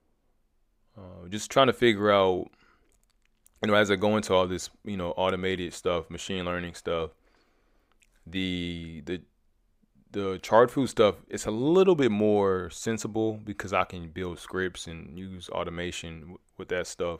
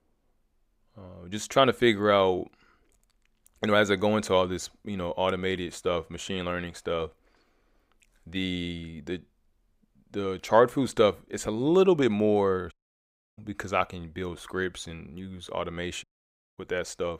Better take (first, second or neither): first